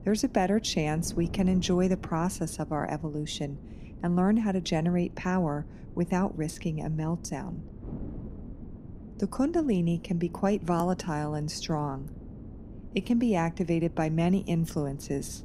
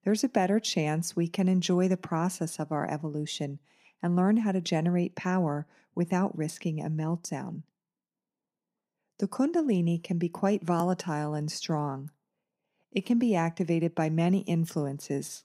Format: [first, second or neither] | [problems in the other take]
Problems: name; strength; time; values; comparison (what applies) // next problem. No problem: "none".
second | wind noise on the microphone; occasional gusts; 20 dB below the speech